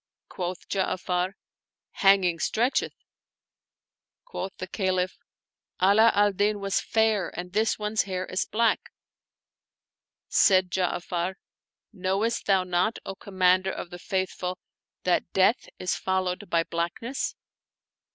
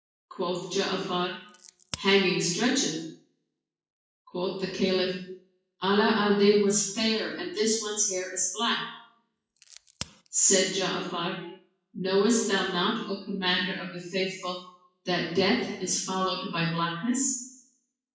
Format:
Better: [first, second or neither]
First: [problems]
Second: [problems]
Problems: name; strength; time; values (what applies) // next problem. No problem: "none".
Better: first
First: none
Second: noise reduction (classical method WPE with log-MMSE)